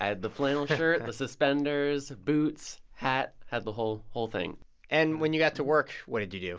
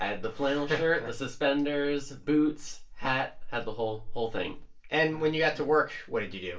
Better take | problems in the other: first | room echo; dies away in 0.3 s

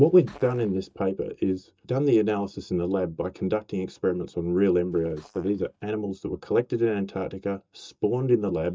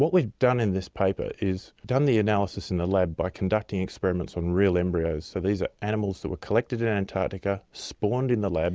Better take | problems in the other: second | noise reduction (neural mask model DeepFilterNet 3)

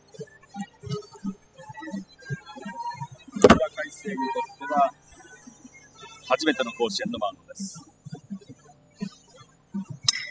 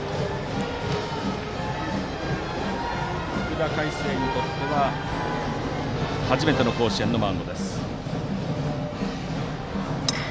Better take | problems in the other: second | noise reduction (classical method spectral subtraction)

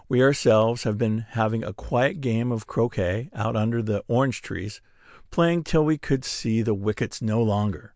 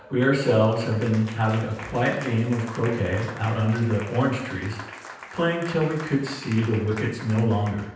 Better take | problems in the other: first | background sound (Applause); 15 dB below the speech // room echo; dies away in 0.9 s

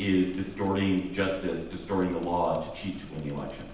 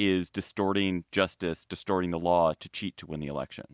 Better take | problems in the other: second | background sound (Engine / Mechanisms); 19 dB below the speech // room echo; dies away in 0.9 s

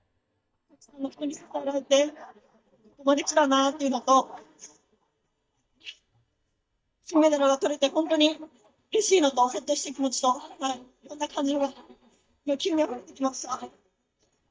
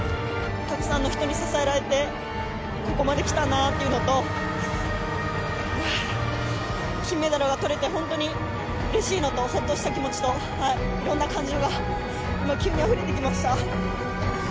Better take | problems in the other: second | noise reduction (neural mask model DeepFilterNet 3)

